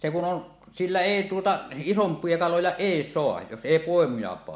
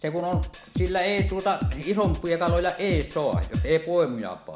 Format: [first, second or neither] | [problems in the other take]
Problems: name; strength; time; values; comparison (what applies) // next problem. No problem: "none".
first | background sound (Drum kit); 3 dB below the speech